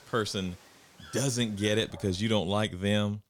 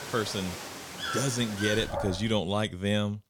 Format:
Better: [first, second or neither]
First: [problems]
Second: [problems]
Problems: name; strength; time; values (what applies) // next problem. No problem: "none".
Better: first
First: animal sounds; faint; until 2 s; 25 dB below the speech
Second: animal sounds; loud; until 2 s; 6 dB below the speech